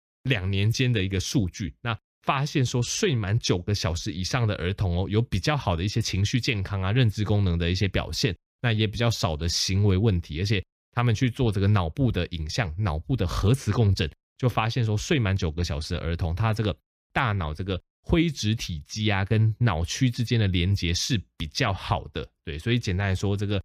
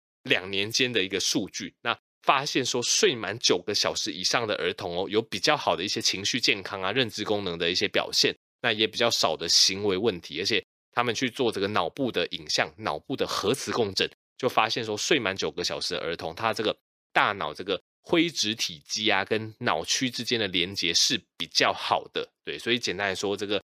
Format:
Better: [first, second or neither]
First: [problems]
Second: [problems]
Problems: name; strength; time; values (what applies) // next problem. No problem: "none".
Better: first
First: none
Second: thin; very; fading below 400 Hz